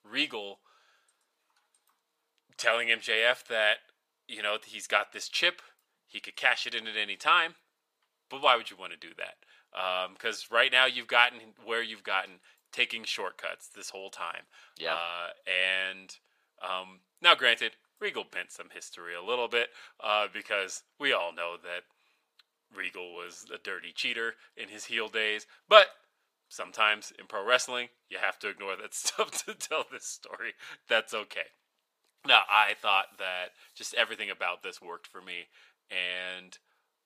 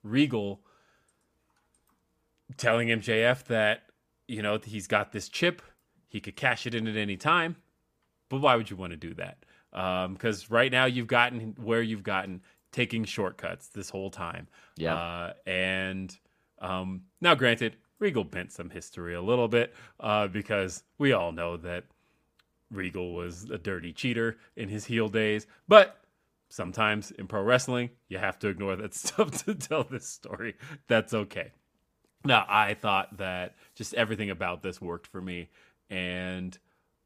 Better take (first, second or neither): second